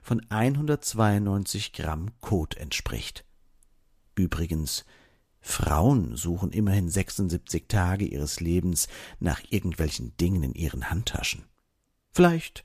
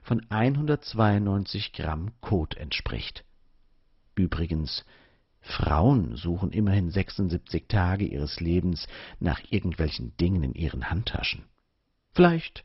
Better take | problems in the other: first | garbled, watery; badly; nothing above 5.5 kHz

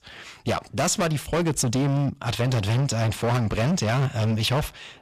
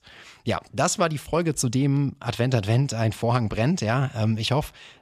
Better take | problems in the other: second | distortion; heavy; 24% of the sound clipped

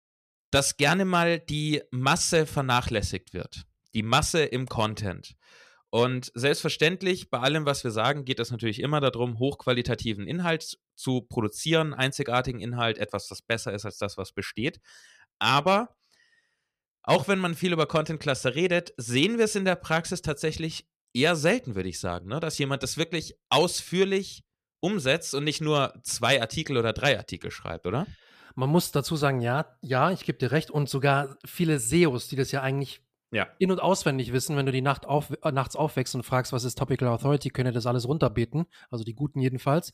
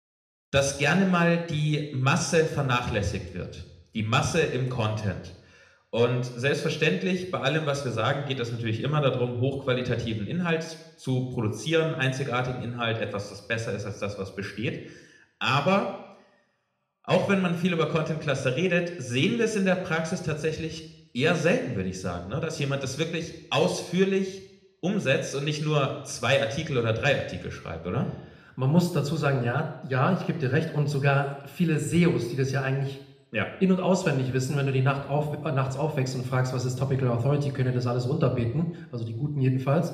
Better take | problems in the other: first | room echo; slight; dies away in 0.7 s // off-mic speech; somewhat distant

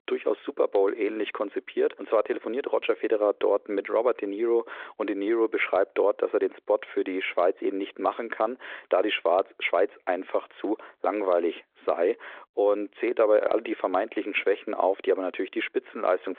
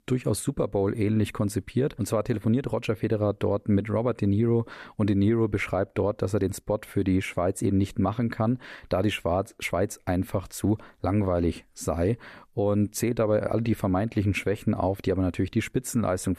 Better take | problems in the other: second | phone-call audio

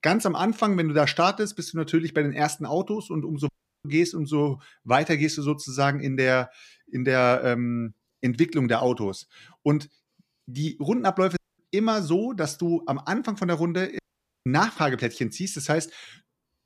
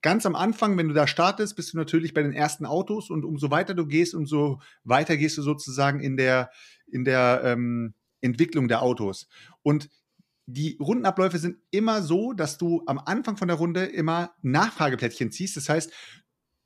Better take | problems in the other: second | audio cutting out; at 3.5 s, at 11 s and at 14 s

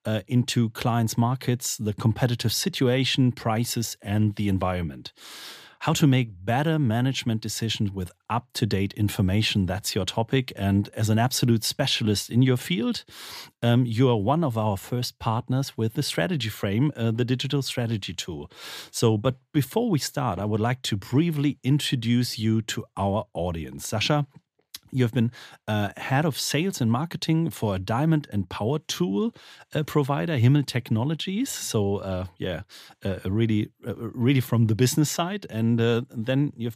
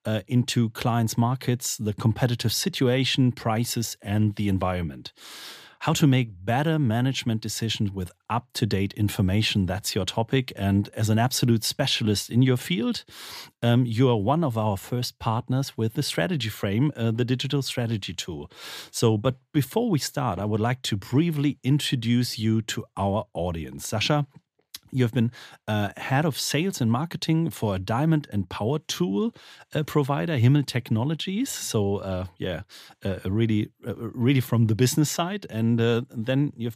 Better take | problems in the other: neither | none

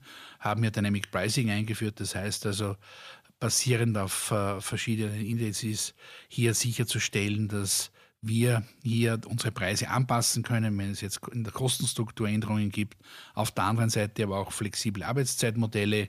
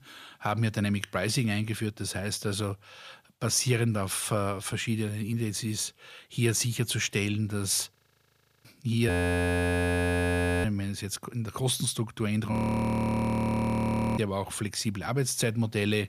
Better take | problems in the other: first | audio freezing; at 8 s for 0.5 s, at 9 s for 1.5 s and at 13 s for 1.5 s

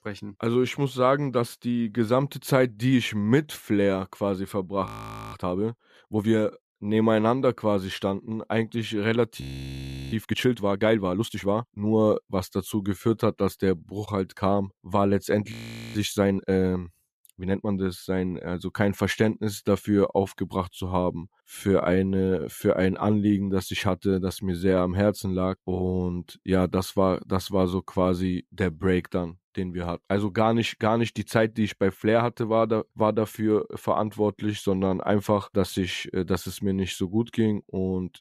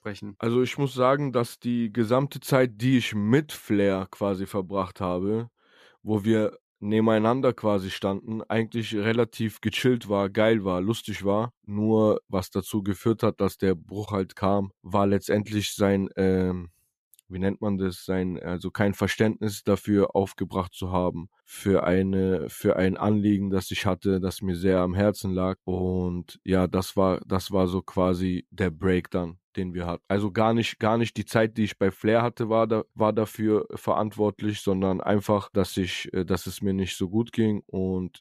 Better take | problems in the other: second | audio freezing; at 5 s, at 9.5 s for 0.5 s and at 16 s

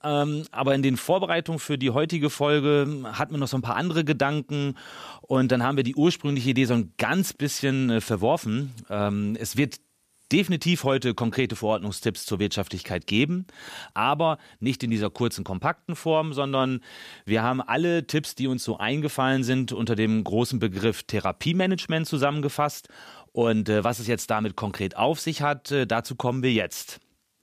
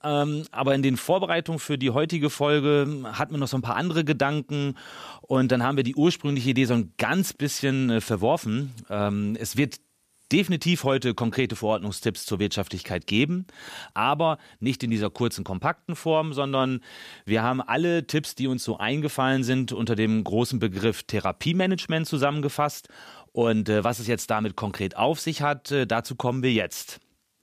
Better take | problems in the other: neither | none

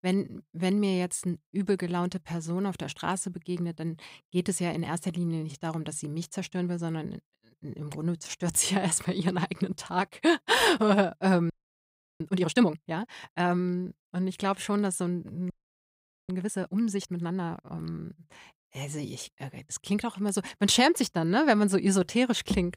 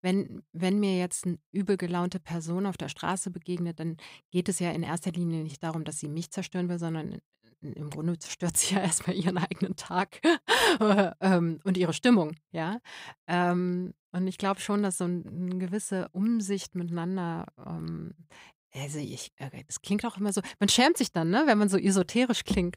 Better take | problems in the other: second | audio freezing; at 12 s for 0.5 s and at 16 s for 1 s

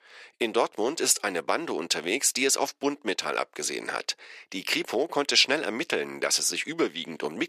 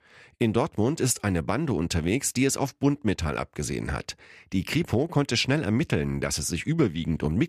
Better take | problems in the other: second | thin; somewhat; fading below 400 Hz

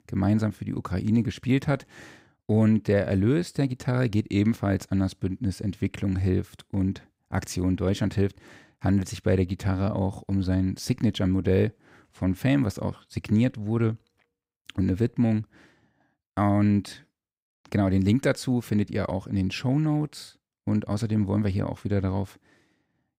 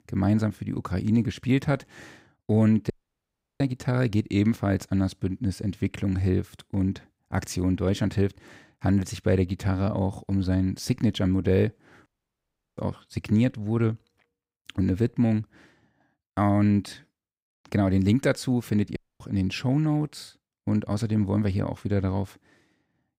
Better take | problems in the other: first | audio cutting out; at 3 s for 0.5 s, at 12 s for 0.5 s and at 19 s

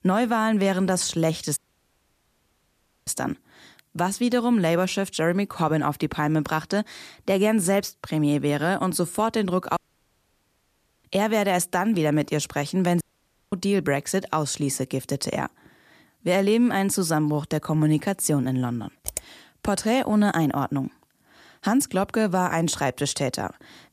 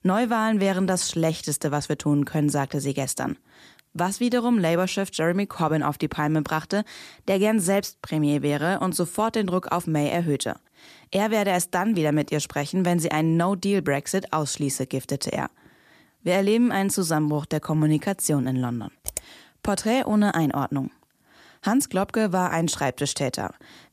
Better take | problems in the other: second | audio cutting out; at 1.5 s for 1.5 s, at 10 s for 1.5 s and at 13 s for 0.5 s

